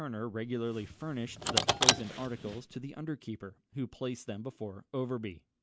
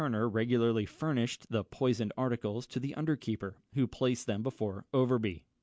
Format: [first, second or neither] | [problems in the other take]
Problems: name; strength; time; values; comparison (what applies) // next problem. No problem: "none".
second | background sound (Car); 4 dB above the speech